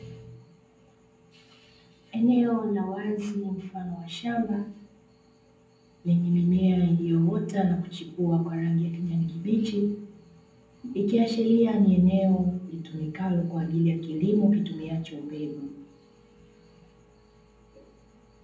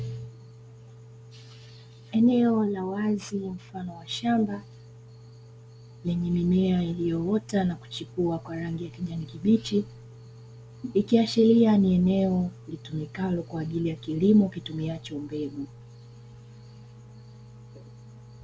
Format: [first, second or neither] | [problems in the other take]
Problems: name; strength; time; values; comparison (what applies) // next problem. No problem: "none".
second | room echo; dies away in 0.6 s